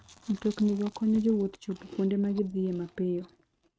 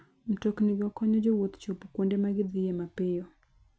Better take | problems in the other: second | noise reduction (neural mask model RNNoise)

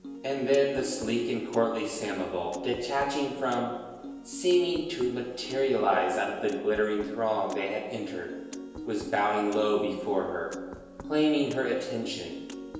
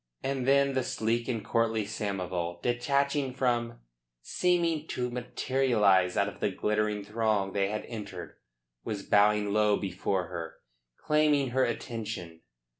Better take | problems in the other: second | background sound (Piano); 13 dB below the speech // room echo; dies away in 1 s

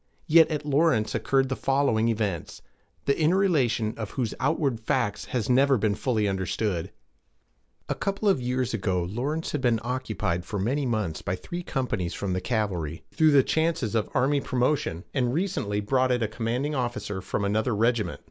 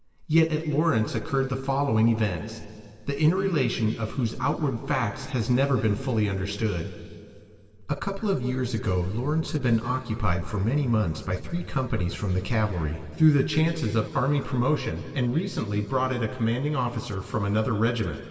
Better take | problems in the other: first | room echo; dies away in 2.6 s

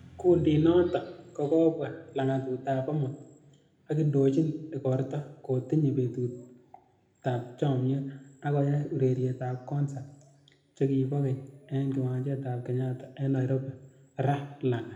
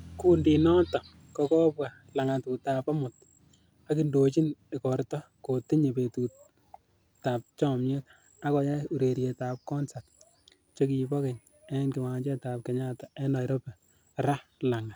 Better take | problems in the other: second | room echo; dies away in 0.9 s

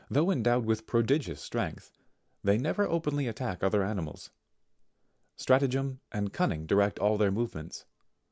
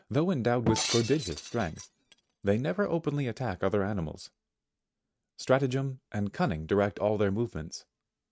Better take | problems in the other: first | noise reduction (neural mask model RNNoise)

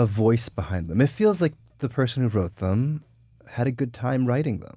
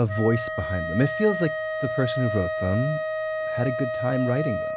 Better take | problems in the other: first | background sound (Wind instrument, woodwind instrument); 3 dB below the speech

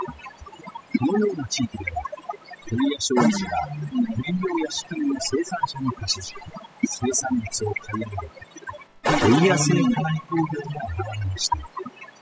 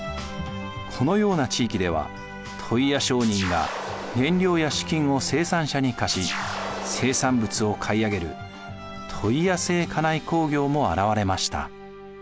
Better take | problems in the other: second | noise reduction (classical method spectral subtraction)

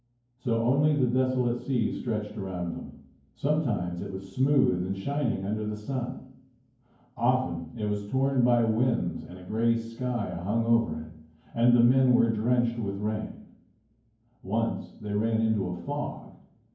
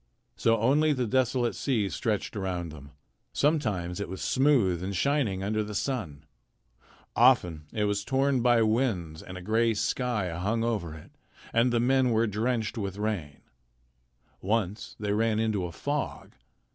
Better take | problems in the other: second | room echo; dies away in 0.9 s

